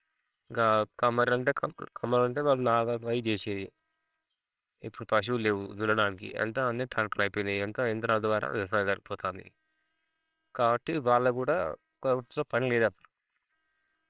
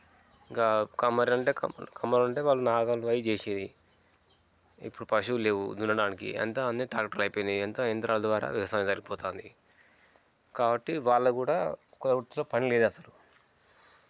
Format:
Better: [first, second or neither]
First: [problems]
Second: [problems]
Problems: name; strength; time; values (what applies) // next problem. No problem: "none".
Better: second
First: noise reduction (neural separator model SepFormer WHAMR!)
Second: none